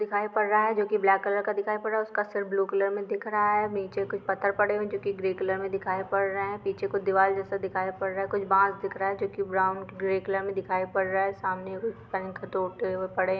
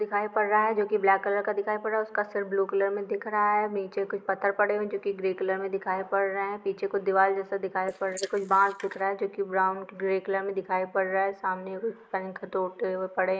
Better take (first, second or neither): first